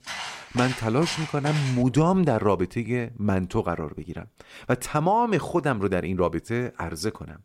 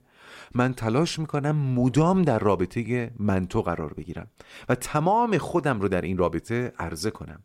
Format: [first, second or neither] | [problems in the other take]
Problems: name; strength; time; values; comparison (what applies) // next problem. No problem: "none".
second | footsteps; noticeable; until 2 s; peak 8 dB below the speech